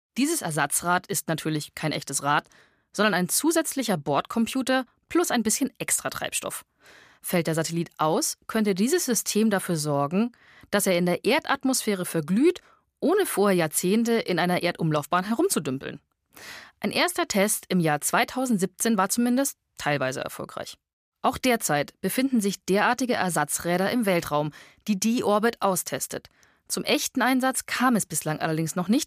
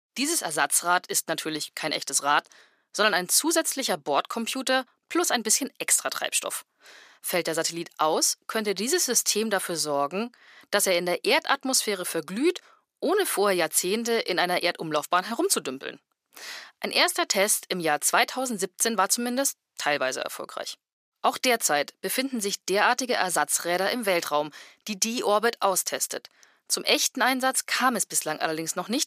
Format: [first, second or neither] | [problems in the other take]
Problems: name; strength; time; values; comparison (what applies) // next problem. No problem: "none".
first | thin; somewhat; fading below 350 Hz